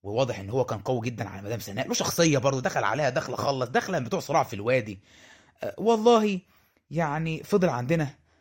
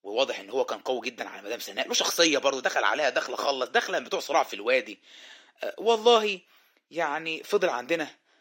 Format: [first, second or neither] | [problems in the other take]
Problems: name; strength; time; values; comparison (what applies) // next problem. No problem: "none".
first | thin; somewhat; fading below 300 Hz